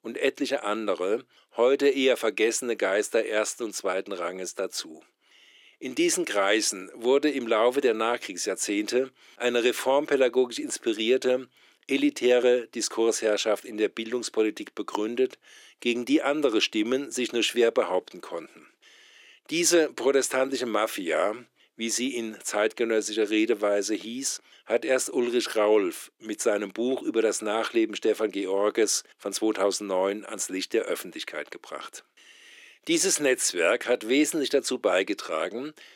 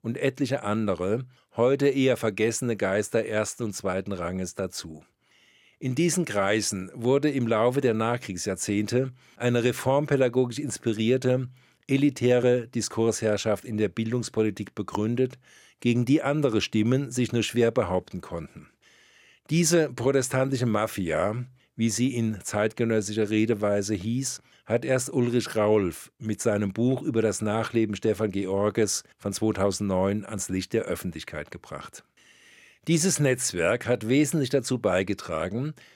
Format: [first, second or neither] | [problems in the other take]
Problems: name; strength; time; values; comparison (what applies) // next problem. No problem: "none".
second | thin; somewhat; fading below 300 Hz